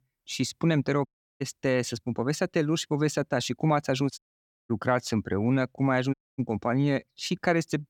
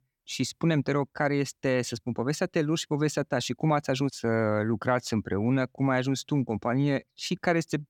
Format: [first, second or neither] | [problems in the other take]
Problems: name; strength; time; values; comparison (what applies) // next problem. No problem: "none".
second | audio cutting out; at 1 s, at 4 s for 0.5 s and at 6 s